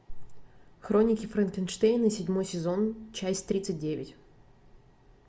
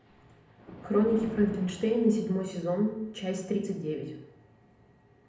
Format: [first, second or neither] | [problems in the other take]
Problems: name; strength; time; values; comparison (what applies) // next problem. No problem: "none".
first | background sound (Thunder); 19 dB below the speech // room echo; dies away in 0.7 s